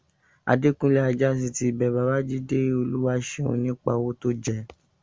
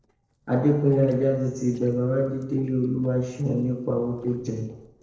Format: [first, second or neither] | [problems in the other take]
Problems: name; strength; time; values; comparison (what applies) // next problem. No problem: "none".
first | noise reduction (neural separator model SepFormer DNS4)